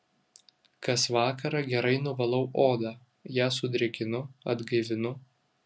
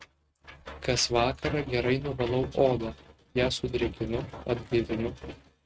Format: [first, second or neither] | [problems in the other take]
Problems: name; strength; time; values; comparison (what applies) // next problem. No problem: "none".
first | noise reduction (neural mask model RNNoise)